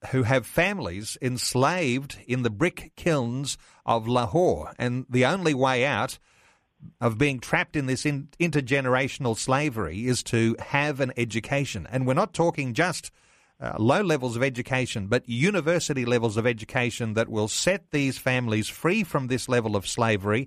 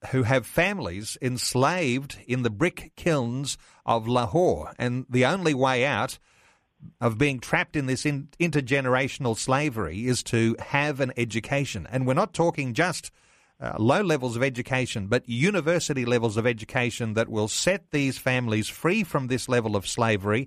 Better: neither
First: none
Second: none

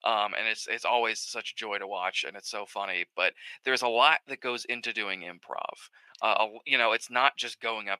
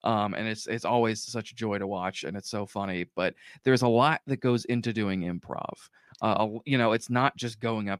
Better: second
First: thin; very; fading below 700 Hz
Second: none

